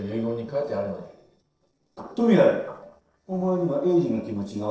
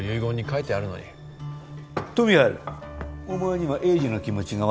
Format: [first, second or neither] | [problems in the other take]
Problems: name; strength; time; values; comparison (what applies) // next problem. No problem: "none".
second | noise reduction (neural separator model SepFormer DNS4)